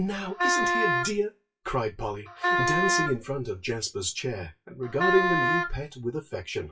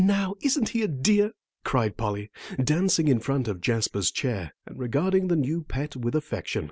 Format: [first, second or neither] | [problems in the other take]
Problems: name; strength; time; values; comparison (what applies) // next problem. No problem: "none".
second | noise reduction (classical method WPE with log-MMSE)